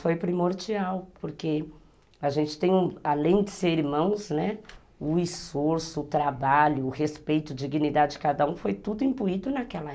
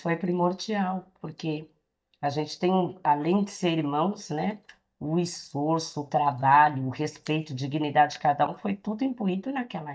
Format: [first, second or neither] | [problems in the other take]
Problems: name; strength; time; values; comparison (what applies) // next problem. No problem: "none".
first | noise reduction (neural mask model DeepFilterNet 3)